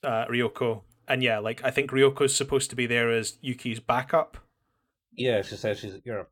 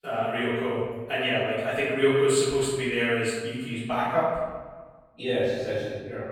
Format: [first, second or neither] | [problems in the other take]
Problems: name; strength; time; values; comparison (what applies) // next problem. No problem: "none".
first | room echo; strong; dies away in 1.2 s // off-mic speech; far